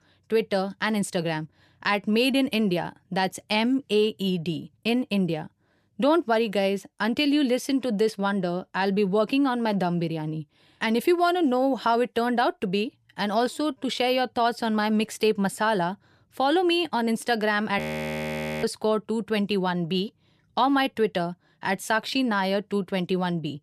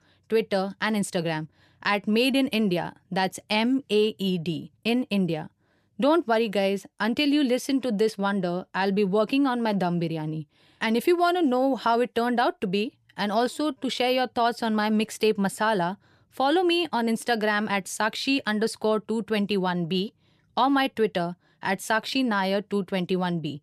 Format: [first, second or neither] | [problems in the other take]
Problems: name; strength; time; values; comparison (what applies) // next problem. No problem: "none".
second | audio freezing; at 18 s for 1 s